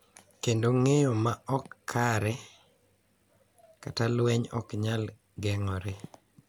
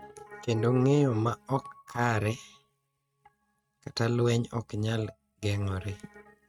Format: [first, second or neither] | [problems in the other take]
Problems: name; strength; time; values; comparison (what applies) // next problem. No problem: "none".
first | noise reduction (neural mask model RNNoise)